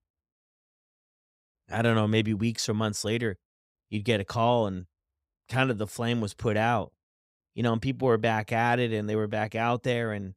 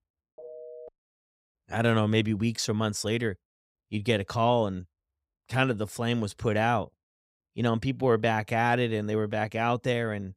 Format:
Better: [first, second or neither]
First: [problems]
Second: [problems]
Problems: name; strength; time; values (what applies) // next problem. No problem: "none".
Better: first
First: none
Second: phone ringing; faint; at 0.5 s; peak 15 dB below the speech